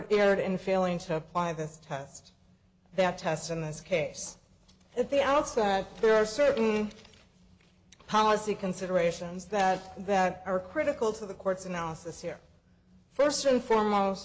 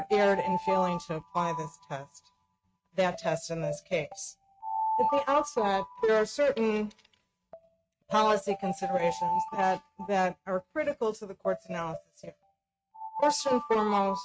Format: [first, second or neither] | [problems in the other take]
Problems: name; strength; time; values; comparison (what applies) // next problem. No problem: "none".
first | noise reduction (neural mask model RNNoise)